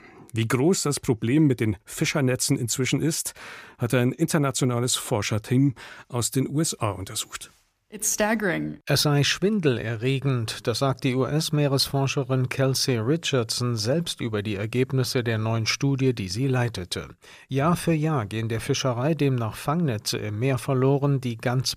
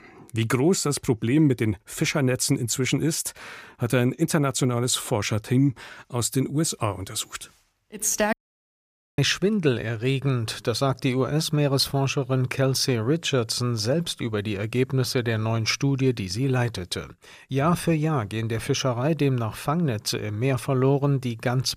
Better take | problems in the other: first | audio cutting out; at 8.5 s for 1 s

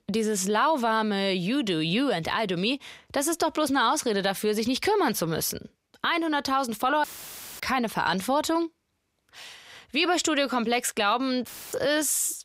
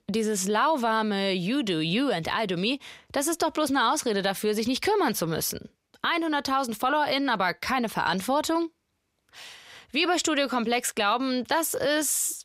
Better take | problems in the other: second | audio cutting out; filled with static; at 7 s for 0.5 s and at 11 s

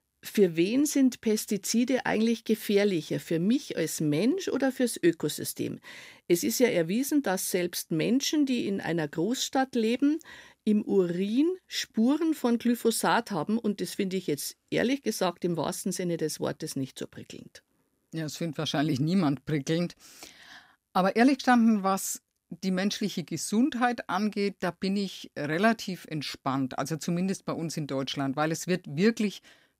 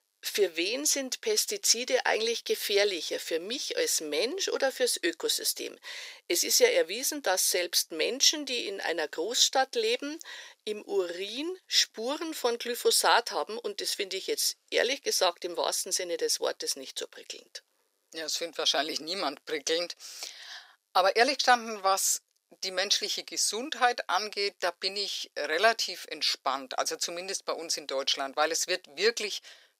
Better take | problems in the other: first | thin; very; fading below 450 Hz

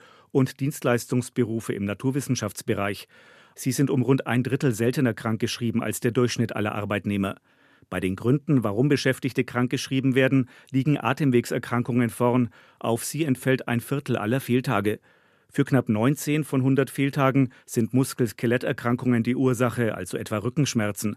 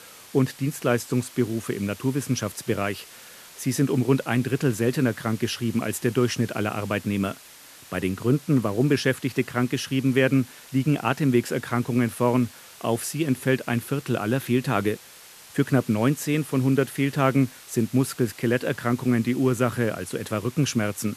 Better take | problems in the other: first | hiss; noticeable; throughout; 20 dB below the speech

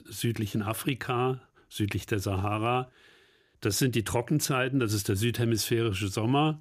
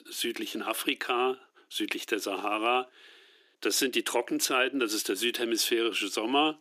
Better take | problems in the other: first | thin; somewhat; fading below 300 Hz

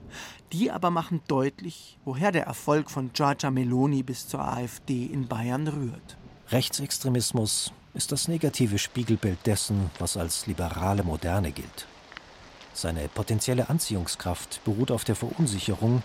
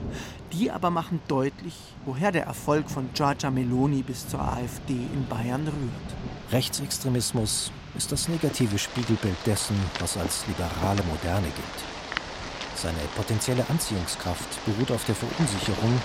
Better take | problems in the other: first | rain or running water; loud; throughout; 9 dB below the speech; faint in the first

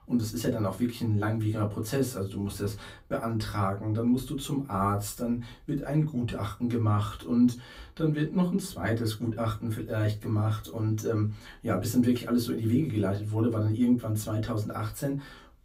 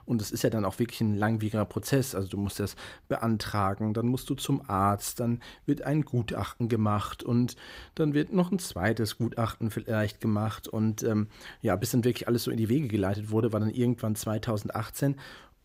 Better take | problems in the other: second | off-mic speech; far // room echo; very slight; dies away in 0.2 s

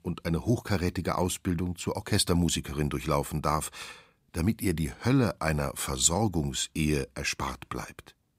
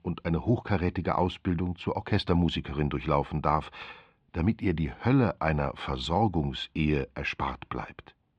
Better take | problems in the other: first | muffled; very; fading above 3 kHz

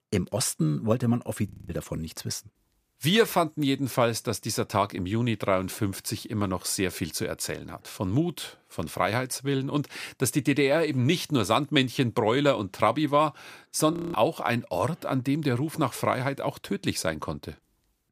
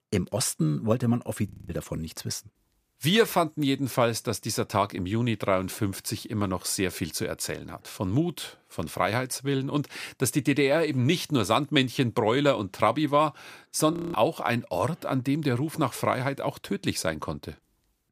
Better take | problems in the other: neither | audio freezing; at 1.5 s and at 14 s; the same in both

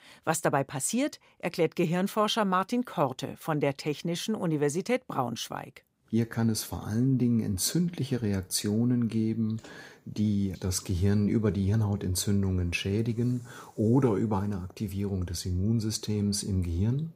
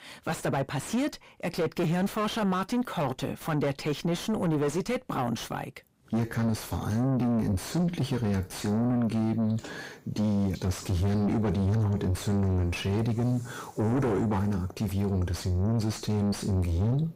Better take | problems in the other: first | distortion; heavy; 6 dB below the speech

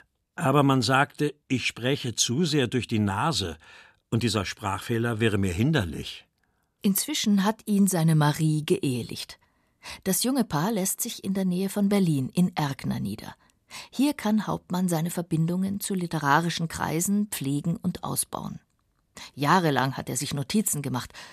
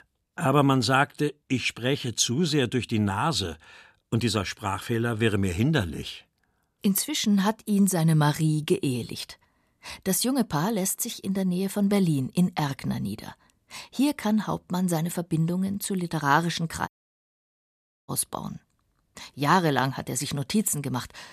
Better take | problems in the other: first | audio cutting out; at 17 s for 1 s

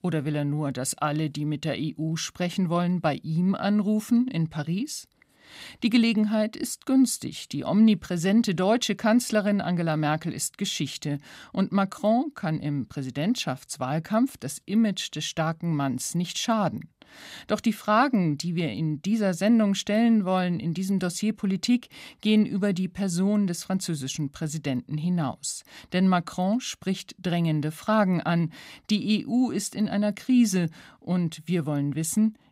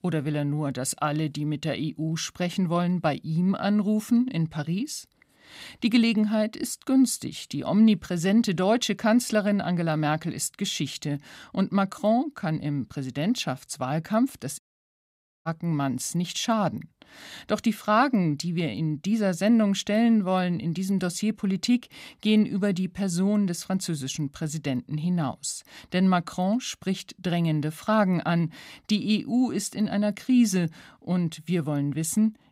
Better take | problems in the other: first | audio cutting out; at 15 s for 1 s

